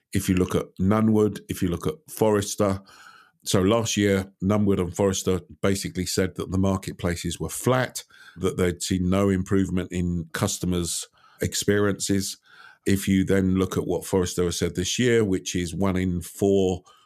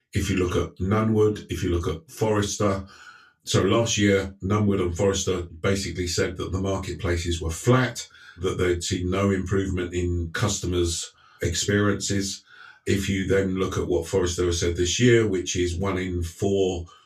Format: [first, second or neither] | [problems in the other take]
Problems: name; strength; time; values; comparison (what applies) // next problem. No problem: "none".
first | room echo; very slight; dies away in 0.1 s // off-mic speech; far